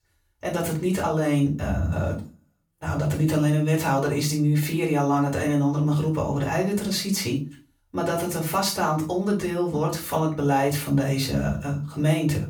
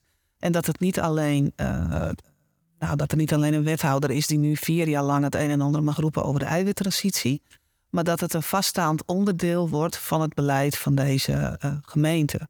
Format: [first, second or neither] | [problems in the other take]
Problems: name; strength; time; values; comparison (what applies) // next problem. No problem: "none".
second | off-mic speech; far // room echo; slight; dies away in 0.3 s